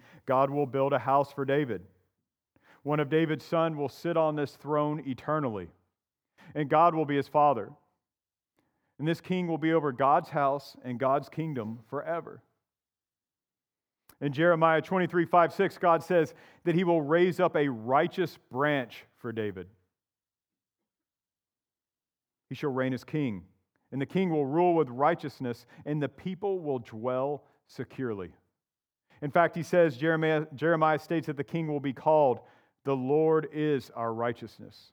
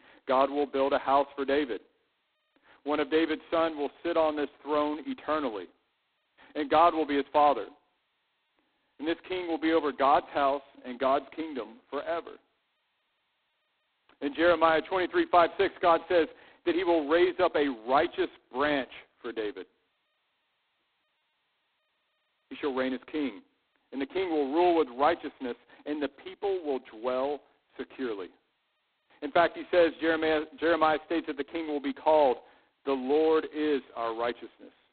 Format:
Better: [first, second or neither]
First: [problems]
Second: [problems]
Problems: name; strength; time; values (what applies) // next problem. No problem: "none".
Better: first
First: none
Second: phone-call audio; poor line; nothing above 4 kHz